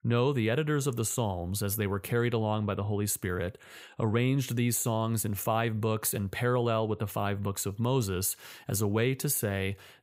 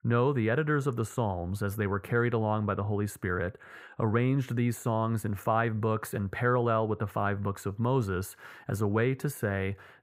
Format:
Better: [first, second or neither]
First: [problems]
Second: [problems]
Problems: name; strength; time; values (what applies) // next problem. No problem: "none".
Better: first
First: none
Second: muffled; very; fading above 2.5 kHz